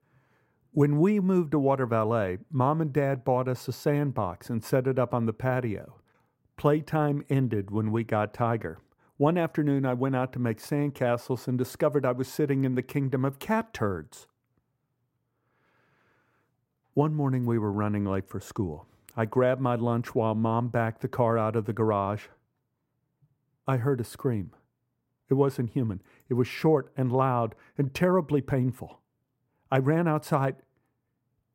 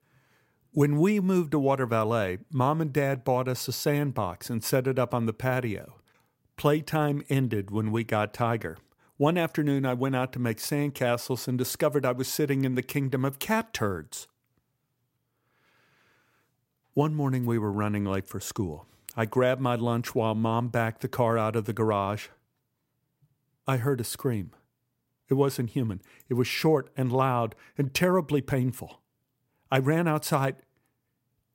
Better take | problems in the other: second | muffled; slightly; fading above 2 kHz

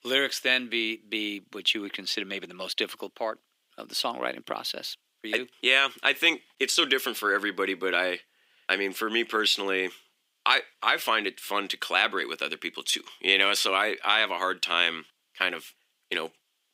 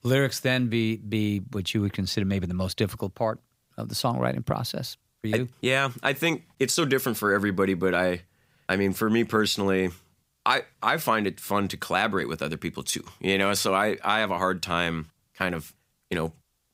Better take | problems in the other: second | thin; somewhat; fading below 300 Hz

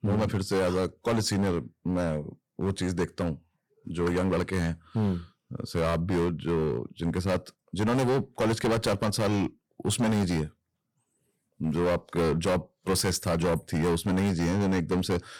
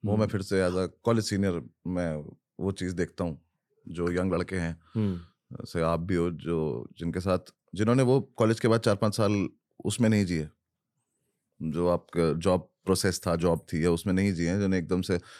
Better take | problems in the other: second | distortion; heavy; 14% of the sound clipped

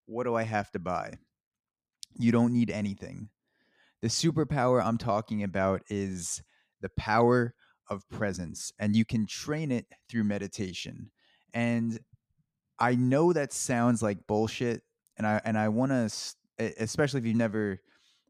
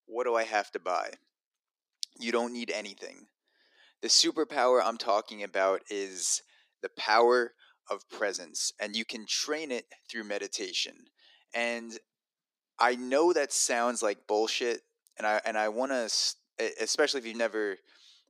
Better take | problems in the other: first | thin; very; fading below 350 Hz

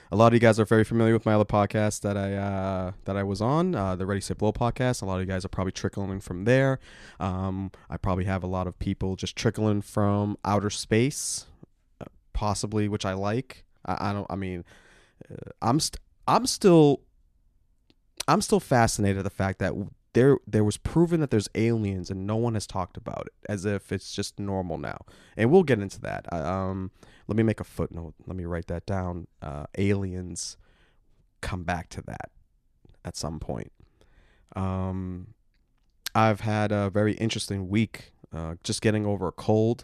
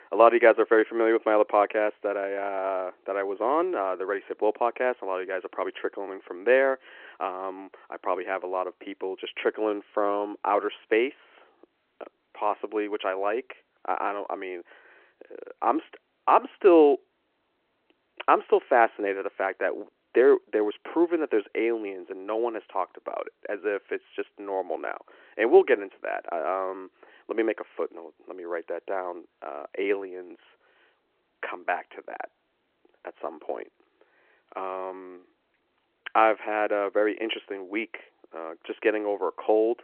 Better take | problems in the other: first | phone-call audio

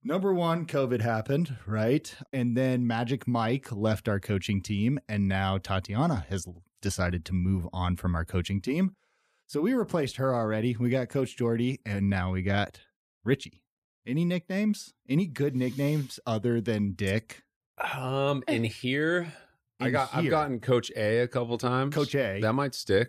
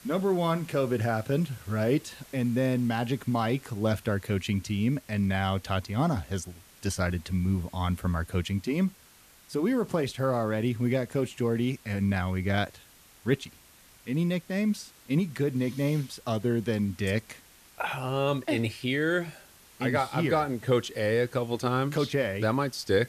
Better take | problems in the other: first | hiss; faint; throughout; 25 dB below the speech

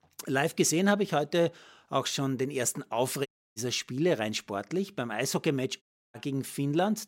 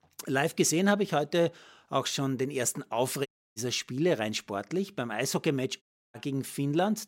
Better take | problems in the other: neither | audio cutting out; at 3.5 s and at 6 s; the same in both

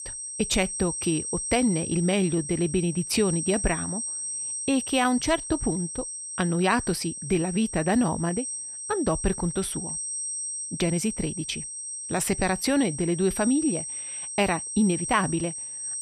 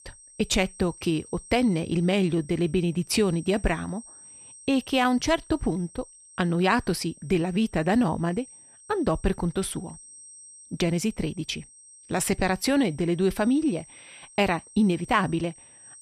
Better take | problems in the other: second | high-pitched whine; loud; throughout; 8.5 kHz, 5 dB below the speech; faint in the second

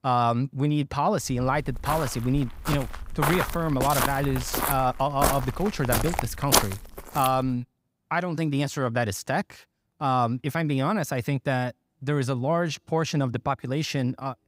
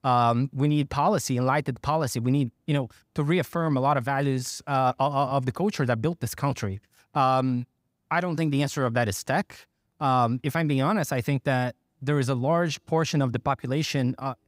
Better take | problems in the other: second | footsteps; loud; from 1.5 to 7.5 s; peak 5 dB above the speech

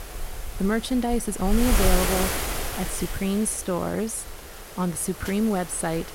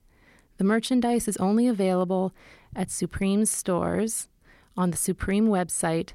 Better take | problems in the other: second | wind noise on the microphone; heavy; 3 dB below the speech

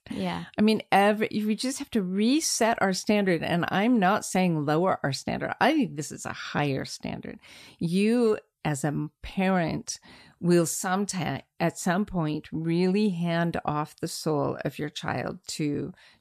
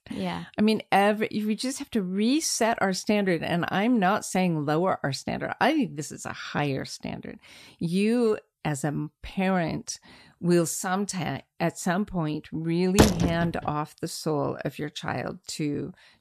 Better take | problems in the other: first | door banging; loud; at 13 s; peak 5 dB above the speech

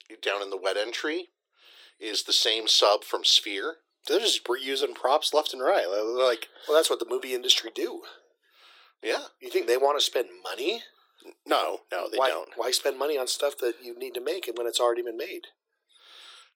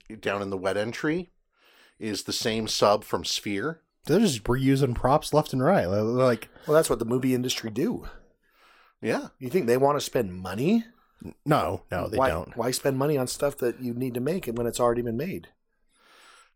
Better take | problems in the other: second | thin; very; fading below 350 Hz

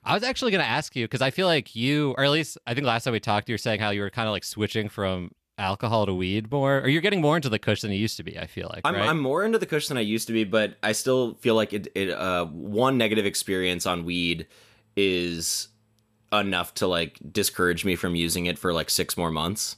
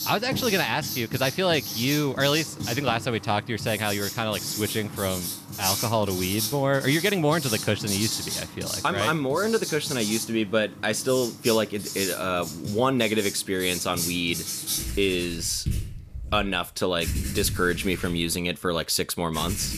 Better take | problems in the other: first | household noises; loud; throughout; 5 dB below the speech

